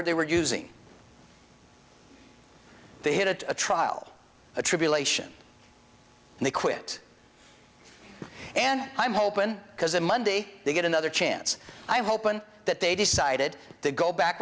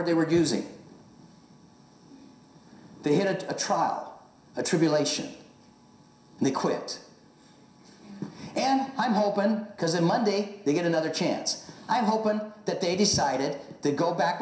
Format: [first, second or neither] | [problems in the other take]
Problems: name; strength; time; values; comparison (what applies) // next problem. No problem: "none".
first | room echo; dies away in 0.7 s